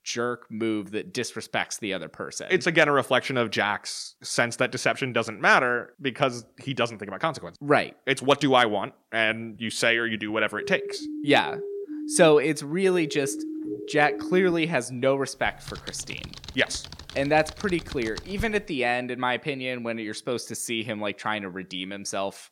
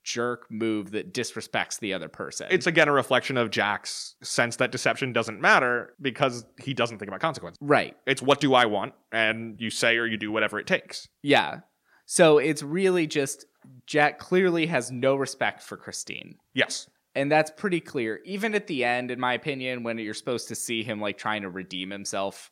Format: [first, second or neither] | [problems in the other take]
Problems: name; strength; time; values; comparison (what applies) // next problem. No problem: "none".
second | siren; noticeable; from 11 to 12 s and from 13 to 15 s; peak 7 dB below the speech // keyboard typing; faint; from 15 to 19 s; peak 10 dB below the speech